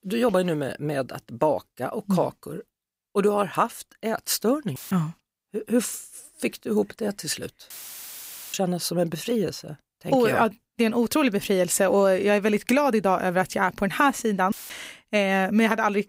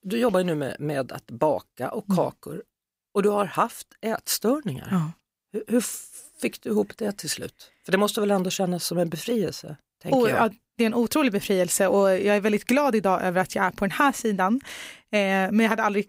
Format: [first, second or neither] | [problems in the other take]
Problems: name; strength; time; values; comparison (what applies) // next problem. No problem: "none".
second | audio cutting out; filled with static; at 5 s, at 7.5 s for 1 s and at 15 s